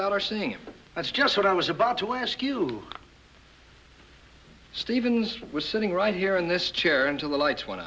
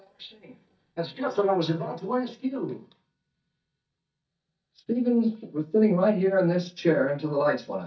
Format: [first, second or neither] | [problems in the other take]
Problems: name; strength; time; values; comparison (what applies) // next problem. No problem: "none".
first | noise reduction (neural mask model DeepFilterNet 3)